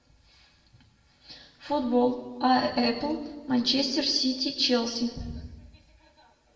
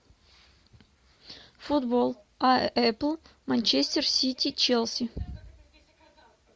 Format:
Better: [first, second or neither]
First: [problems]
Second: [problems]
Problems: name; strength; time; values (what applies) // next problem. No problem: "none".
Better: second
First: room echo; dies away in 1 s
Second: none